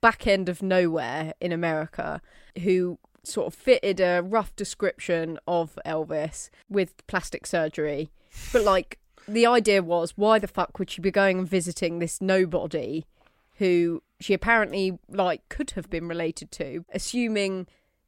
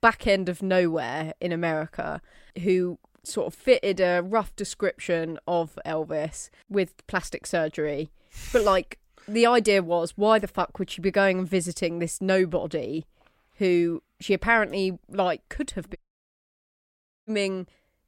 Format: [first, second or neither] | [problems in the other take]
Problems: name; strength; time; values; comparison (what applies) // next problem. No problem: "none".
first | audio cutting out; at 16 s for 1.5 s